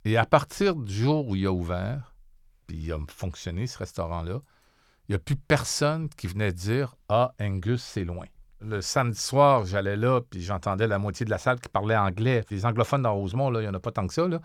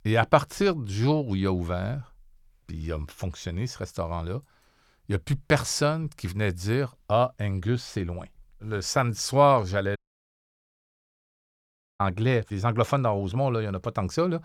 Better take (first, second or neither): first